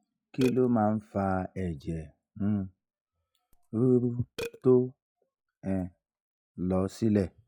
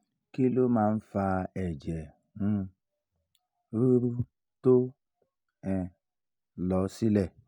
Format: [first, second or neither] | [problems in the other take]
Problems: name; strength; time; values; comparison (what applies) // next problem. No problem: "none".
second | noise reduction (classical method log-MMSE)